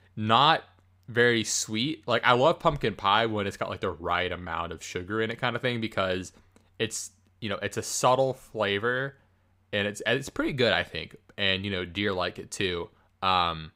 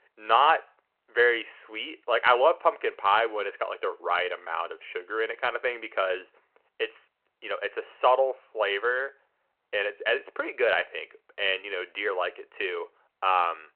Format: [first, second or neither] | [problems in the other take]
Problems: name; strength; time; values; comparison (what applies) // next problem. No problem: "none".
first | phone-call audio